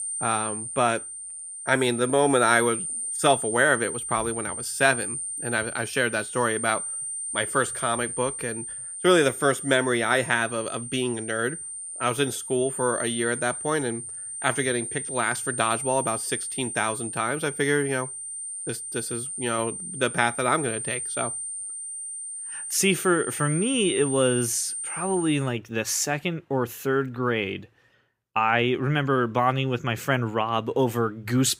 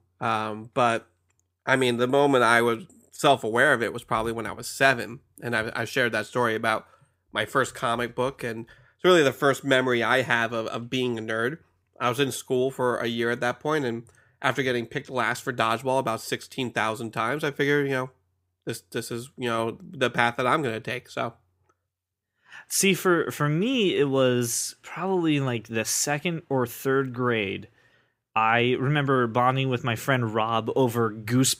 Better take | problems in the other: second | high-pitched whine; loud; until 25 s; 9 kHz, 5 dB below the speech

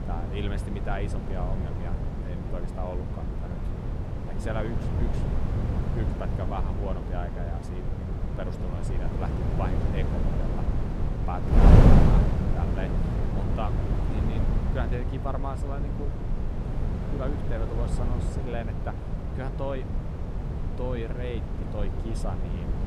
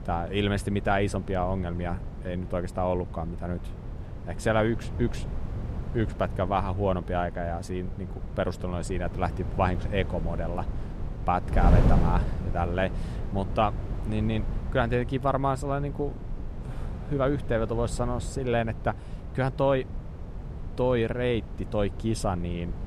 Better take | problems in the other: second | wind noise on the microphone; heavy; 2 dB above the speech; occasional gusts in the second

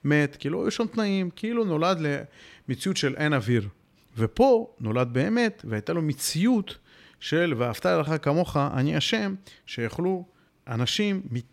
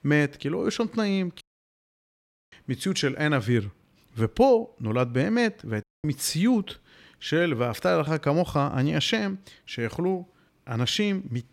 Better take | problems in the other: first | audio cutting out; at 1.5 s for 1 s and at 6 s

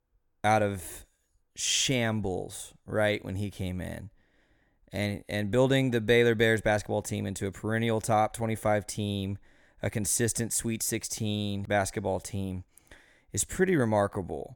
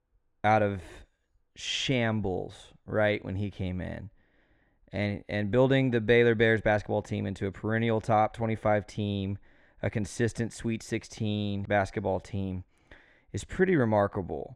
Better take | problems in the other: first | muffled; slightly; fading above 3 kHz

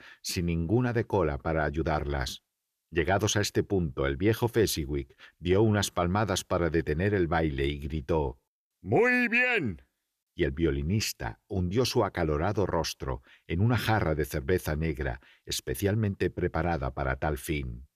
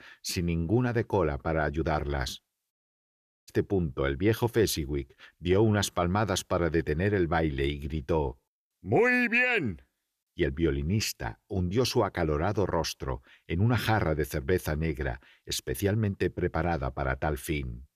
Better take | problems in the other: first | audio cutting out; at 2.5 s for 1 s

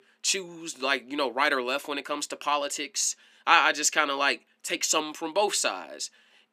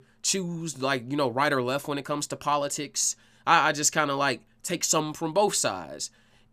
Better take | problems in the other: second | thin; very slightly; fading below 250 Hz

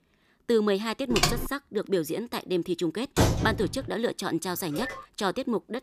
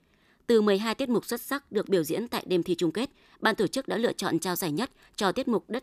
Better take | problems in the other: second | keyboard typing; loud; at 1 s; peak 4 dB above the speech // door banging; loud; at 3 s; peak 5 dB above the speech // phone ringing; noticeable; at 4.5 s; peak 8 dB below the speech

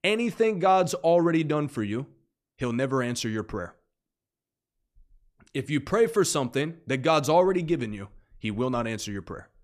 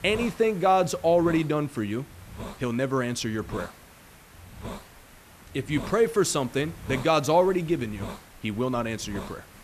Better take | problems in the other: first | hiss; noticeable; throughout; 15 dB below the speech

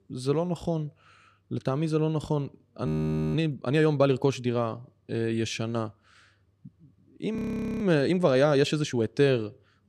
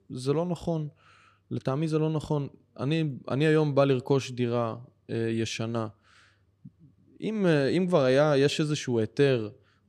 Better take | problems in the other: second | audio freezing; at 3 s and at 7.5 s

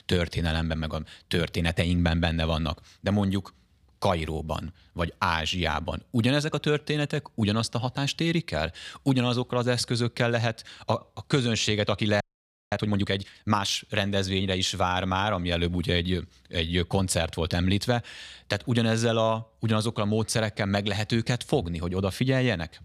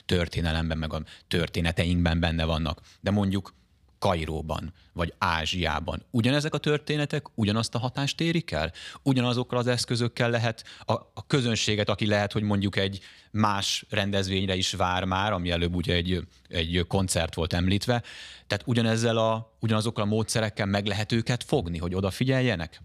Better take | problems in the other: second | audio freezing; at 12 s for 0.5 s

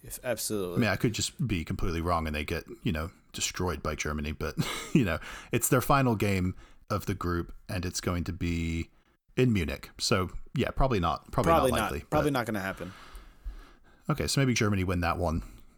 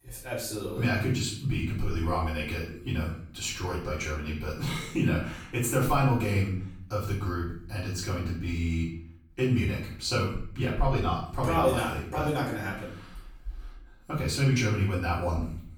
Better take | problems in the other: first | off-mic speech; far // room echo; noticeable; dies away in 0.5 s

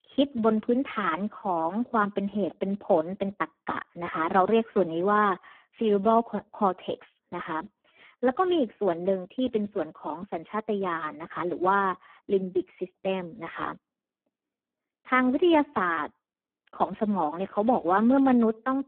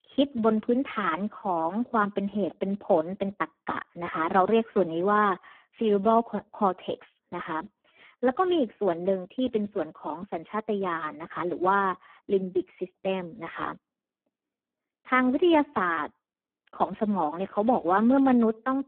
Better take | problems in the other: neither | phone-call audio; poor line; the same in both

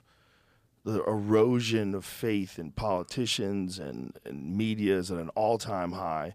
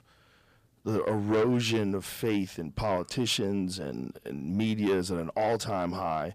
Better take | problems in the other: first | distortion; slight; 10 dB below the speech

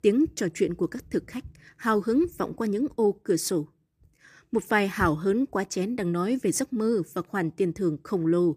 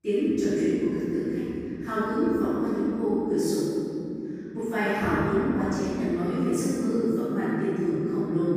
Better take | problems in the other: first | off-mic speech; far // room echo; strong; dies away in 3 s

